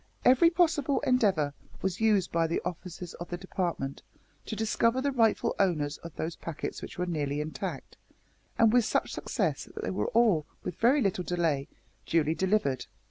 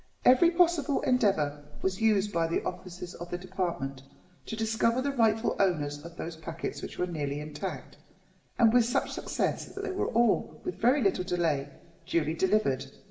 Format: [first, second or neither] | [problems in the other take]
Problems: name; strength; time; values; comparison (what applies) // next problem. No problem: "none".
first | room echo; dies away in 1.1 s